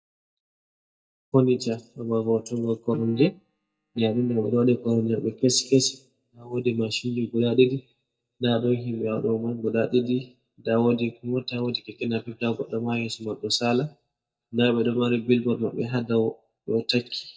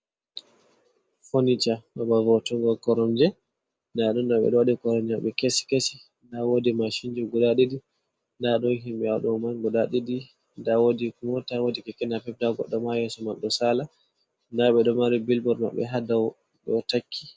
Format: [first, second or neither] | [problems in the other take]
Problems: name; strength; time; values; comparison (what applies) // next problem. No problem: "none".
second | noise reduction (neural mask model DeepFilterNet 3)